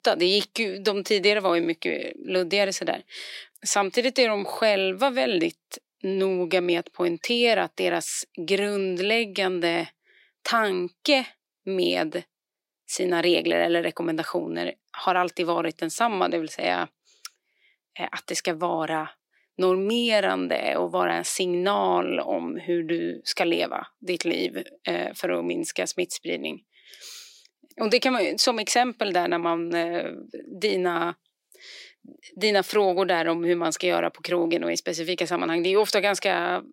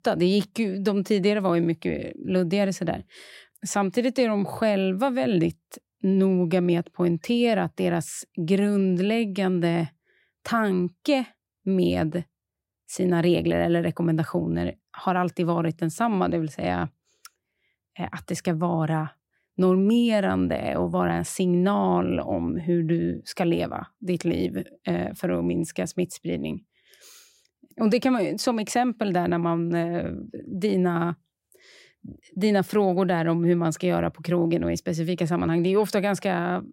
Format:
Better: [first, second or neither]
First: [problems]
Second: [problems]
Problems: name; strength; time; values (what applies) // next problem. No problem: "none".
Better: second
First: thin; somewhat; fading below 300 Hz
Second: none